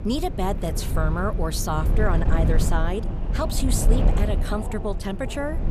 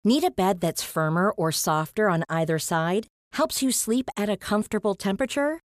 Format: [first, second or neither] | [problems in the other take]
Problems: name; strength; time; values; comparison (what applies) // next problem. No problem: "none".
second | wind noise on the microphone; heavy; 7 dB below the speech